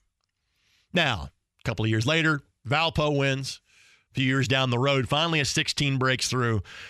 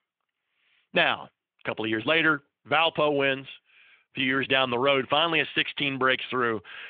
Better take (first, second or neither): first